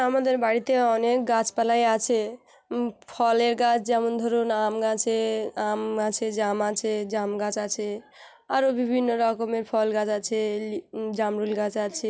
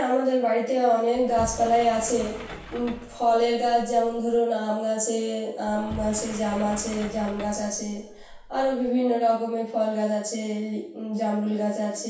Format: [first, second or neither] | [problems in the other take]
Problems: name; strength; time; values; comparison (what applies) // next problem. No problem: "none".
first | background sound (Sliding door); 15 dB below the speech // room echo; dies away in 0.7 s